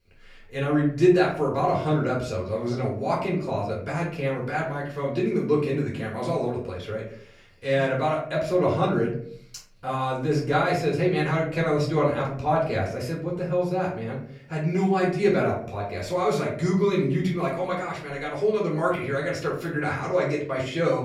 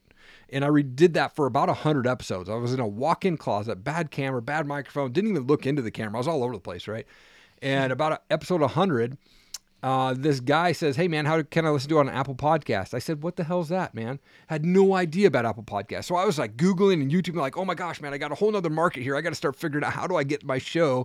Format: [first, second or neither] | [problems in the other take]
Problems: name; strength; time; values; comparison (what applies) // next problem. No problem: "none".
second | off-mic speech; far // room echo; slight; dies away in 0.5 s